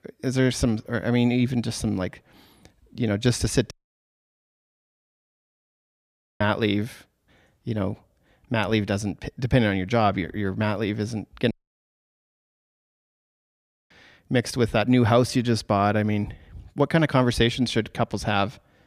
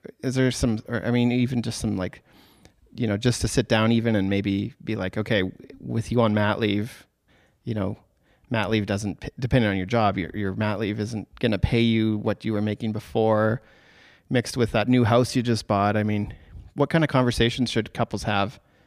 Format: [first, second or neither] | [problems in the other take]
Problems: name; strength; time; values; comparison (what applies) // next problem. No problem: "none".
second | audio cutting out; at 3.5 s for 2.5 s and at 12 s for 2.5 s